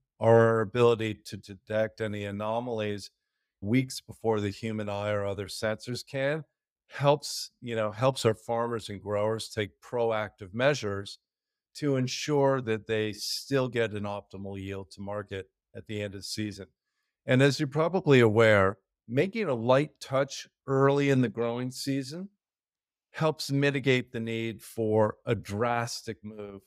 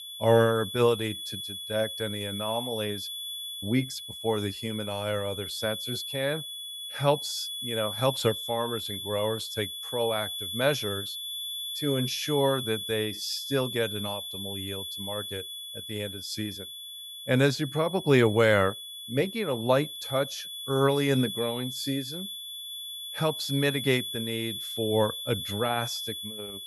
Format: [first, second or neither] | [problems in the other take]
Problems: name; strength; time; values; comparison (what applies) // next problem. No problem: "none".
first | high-pitched whine; loud; throughout; 3.5 kHz, 6 dB below the speech